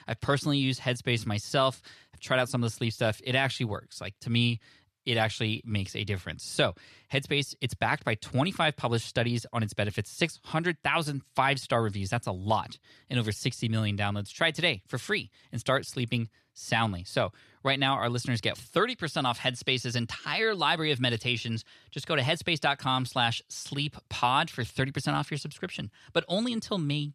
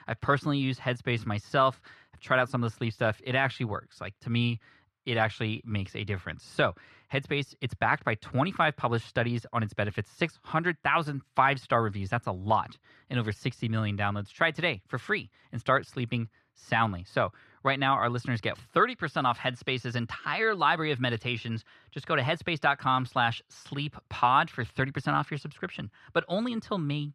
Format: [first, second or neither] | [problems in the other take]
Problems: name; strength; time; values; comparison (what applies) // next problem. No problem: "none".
first | muffled; slightly; fading above 4 kHz